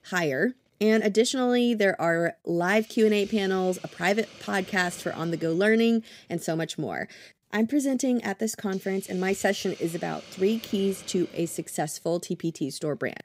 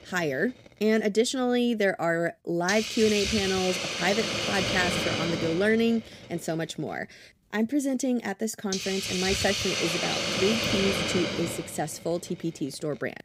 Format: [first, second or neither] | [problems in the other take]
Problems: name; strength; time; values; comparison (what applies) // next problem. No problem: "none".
first | hiss; loud; throughout; as loud as the speech; faint in the first